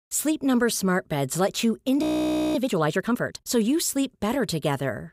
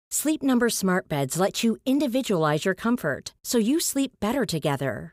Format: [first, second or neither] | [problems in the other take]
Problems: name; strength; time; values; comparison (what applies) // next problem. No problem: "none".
second | audio freezing; at 2 s for 0.5 s